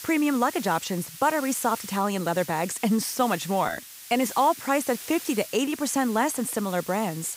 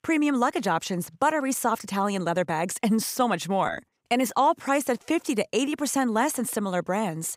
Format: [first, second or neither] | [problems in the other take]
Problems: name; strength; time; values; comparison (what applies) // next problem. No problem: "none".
second | hiss; noticeable; throughout; 15 dB below the speech